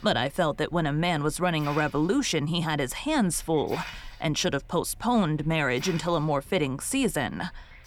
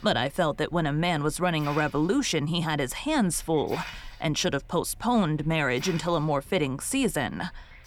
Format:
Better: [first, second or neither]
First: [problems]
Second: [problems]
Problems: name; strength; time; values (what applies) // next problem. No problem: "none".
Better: neither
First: hiss; noticeable; throughout; 20 dB below the speech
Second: hiss; noticeable; throughout; 20 dB below the speech